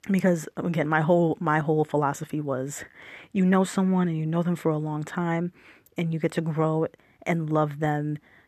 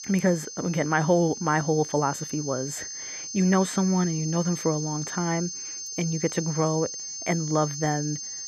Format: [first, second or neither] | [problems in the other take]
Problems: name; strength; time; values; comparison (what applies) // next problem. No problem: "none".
first | high-pitched whine; loud; throughout; 6.5 kHz, 7 dB below the speech